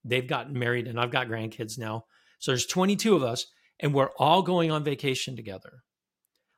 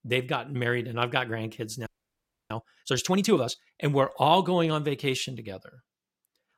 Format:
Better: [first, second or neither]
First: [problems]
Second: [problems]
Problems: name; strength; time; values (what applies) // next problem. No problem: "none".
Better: first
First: none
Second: audio freezing; at 2 s for 0.5 s